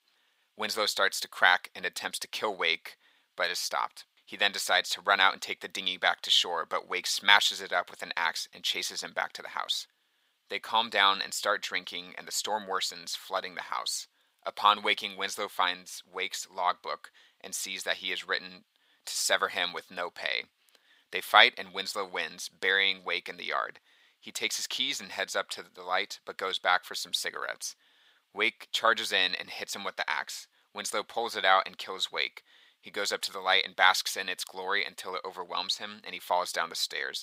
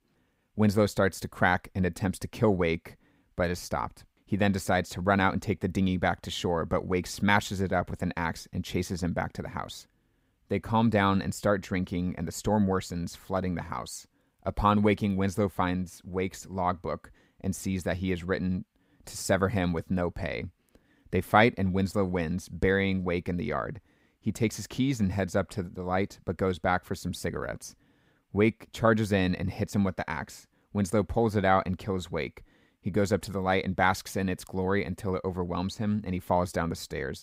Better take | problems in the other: second | thin; very; fading below 950 Hz

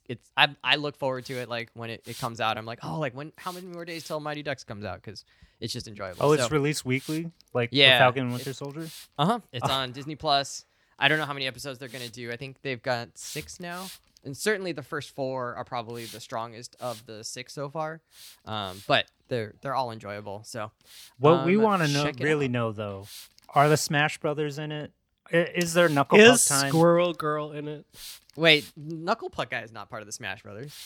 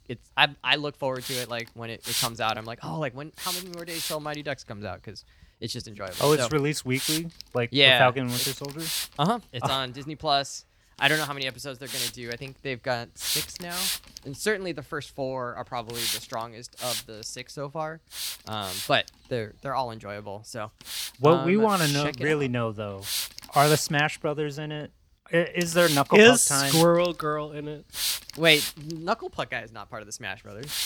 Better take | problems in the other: first | hiss; loud; throughout; 6 dB below the speech; faint in the first

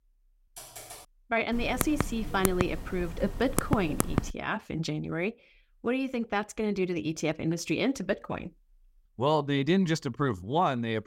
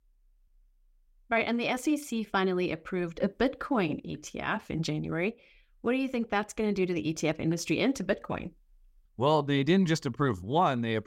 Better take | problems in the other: second | keyboard typing; faint; at 0.5 s; peak 15 dB below the speech // keyboard typing; noticeable; from 1.5 to 4.5 s; peak level with the speech

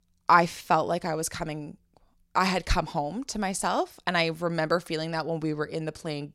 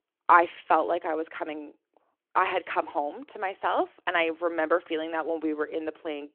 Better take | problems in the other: first | phone-call audio

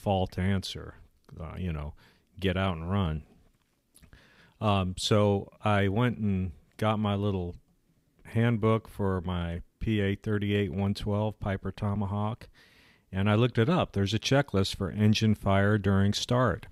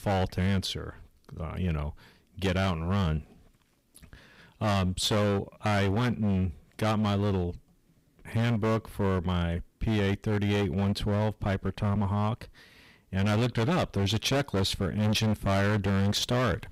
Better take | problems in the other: first | distortion; heavy; 18% of the sound clipped

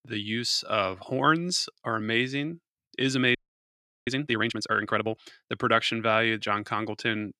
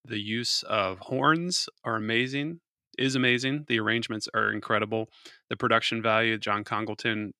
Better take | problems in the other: second | audio freezing; at 3.5 s for 0.5 s

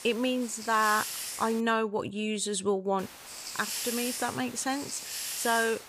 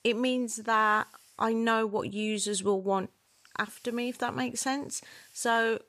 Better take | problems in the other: second | hiss; loud; until 1.5 s and from 3 s on; 6 dB below the speech; faint in the second

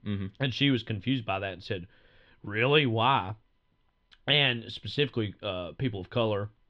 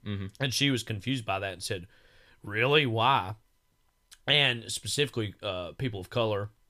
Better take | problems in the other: second | muffled; slightly; fading above 3.5 kHz

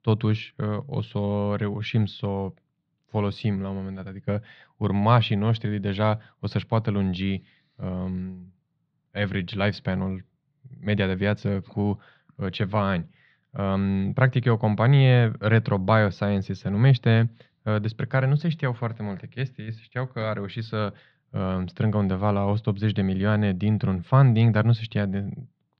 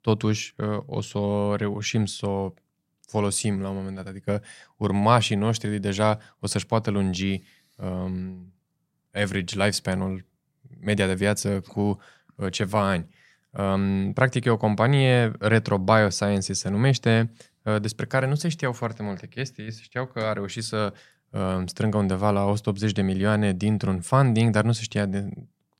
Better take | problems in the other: second | muffled; slightly; fading above 4 kHz

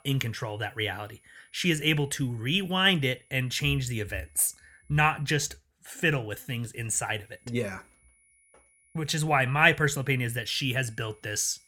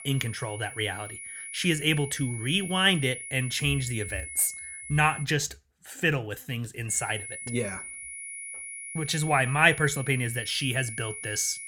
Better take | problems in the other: first | high-pitched whine; loud; until 5 s and from 7 s on; 2 kHz, 10 dB below the speech; faint in the first

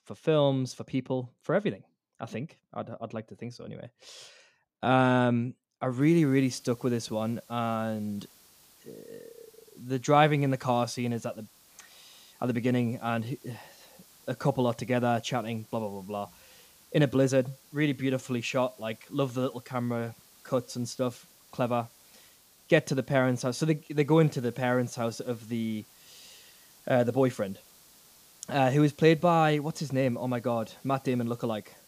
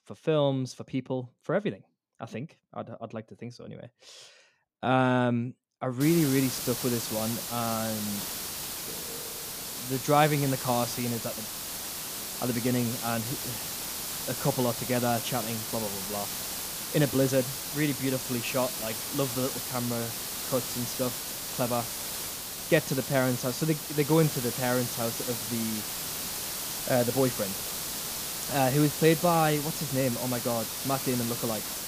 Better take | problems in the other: first | hiss; loud; from 6 s on; 3 dB below the speech; faint in the first

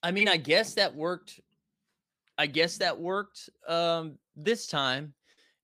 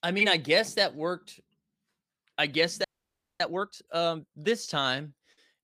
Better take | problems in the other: first | audio freezing; at 3 s for 0.5 s

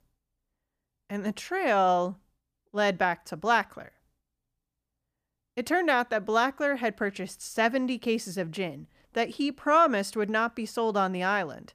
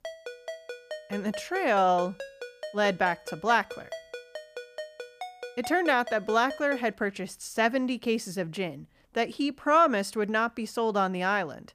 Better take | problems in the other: first | phone ringing; faint; until 7 s; peak 10 dB below the speech

